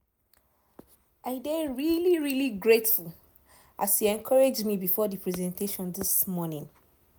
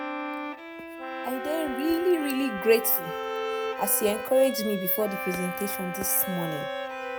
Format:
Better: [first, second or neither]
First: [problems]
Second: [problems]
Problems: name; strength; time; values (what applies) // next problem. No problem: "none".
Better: first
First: none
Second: background sound (Brass instrument + Bowed string instrument); 6 dB below the speech